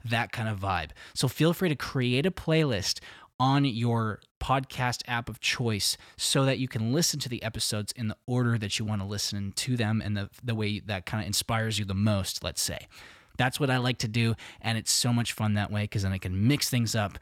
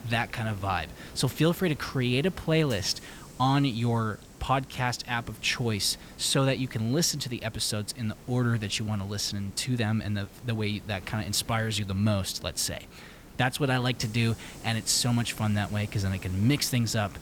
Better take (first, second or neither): first